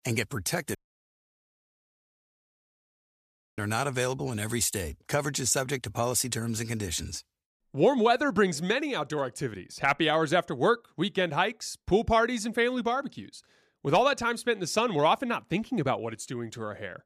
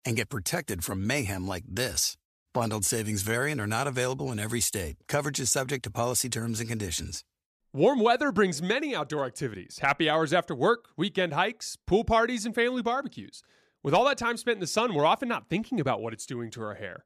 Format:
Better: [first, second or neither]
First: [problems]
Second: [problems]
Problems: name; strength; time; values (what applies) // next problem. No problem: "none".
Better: second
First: audio cutting out; at 1 s for 3 s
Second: none